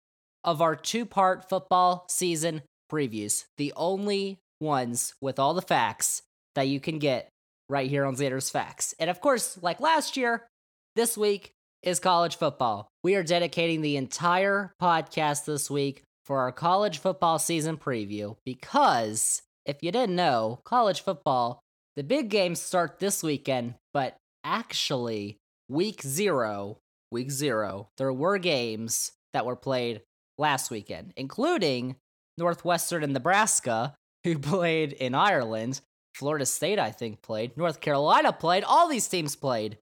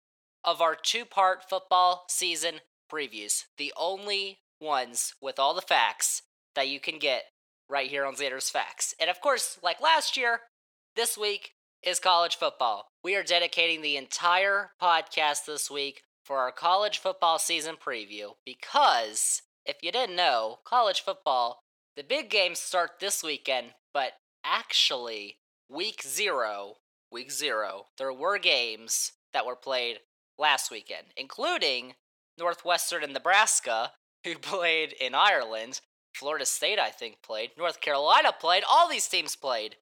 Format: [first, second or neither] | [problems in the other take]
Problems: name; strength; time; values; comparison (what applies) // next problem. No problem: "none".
first | thin; very; fading below 600 Hz